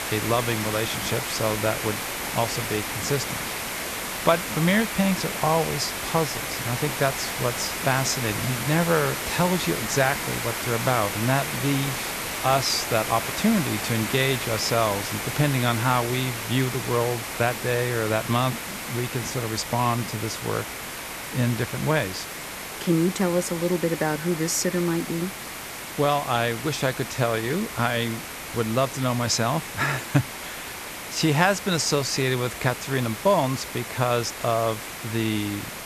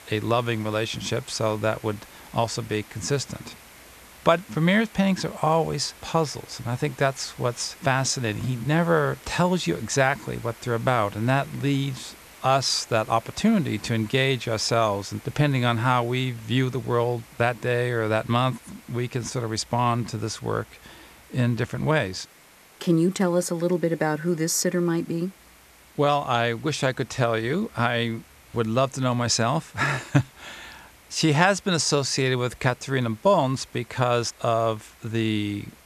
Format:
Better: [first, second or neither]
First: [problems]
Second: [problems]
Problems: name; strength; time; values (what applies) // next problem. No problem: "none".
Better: second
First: hiss; loud; throughout; 5 dB below the speech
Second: hiss; faint; throughout; 25 dB below the speech